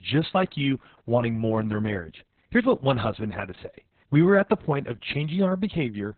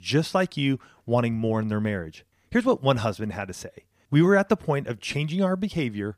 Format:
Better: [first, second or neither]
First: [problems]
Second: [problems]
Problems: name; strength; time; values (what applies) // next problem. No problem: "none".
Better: second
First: garbled, watery; badly; nothing above 4 kHz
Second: none